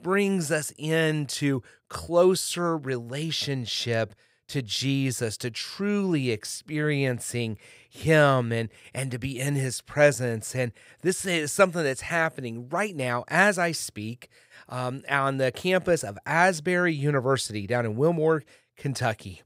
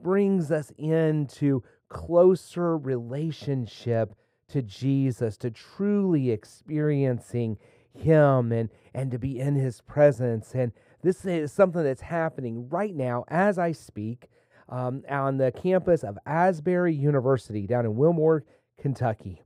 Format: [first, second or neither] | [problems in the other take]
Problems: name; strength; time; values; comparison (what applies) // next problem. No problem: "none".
first | muffled; very; fading above 1.5 kHz